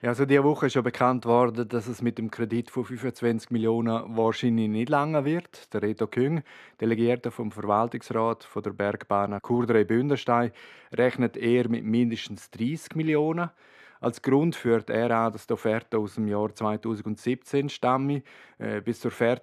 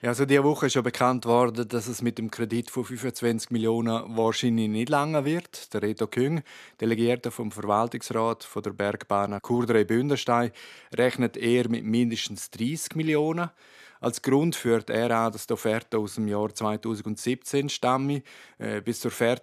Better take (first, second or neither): second